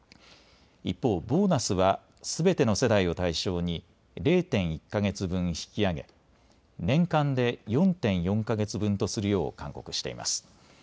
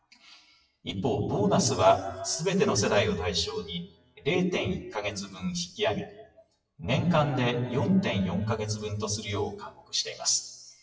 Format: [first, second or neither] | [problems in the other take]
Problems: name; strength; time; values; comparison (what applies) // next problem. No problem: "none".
first | noise reduction (classical method WPE with log-MMSE)